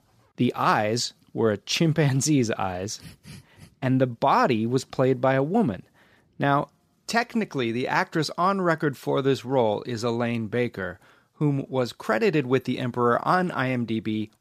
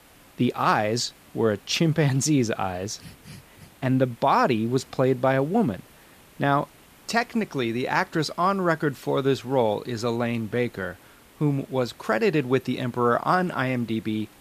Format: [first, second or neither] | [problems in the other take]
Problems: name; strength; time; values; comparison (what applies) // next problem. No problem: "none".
first | hiss; faint; throughout; 25 dB below the speech